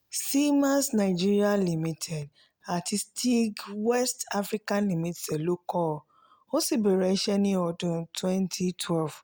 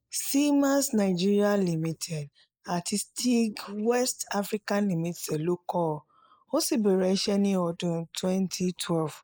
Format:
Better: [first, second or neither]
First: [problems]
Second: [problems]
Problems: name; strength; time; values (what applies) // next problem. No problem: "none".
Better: first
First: none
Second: noise reduction (neural mask model Resemble Enhance denoiser)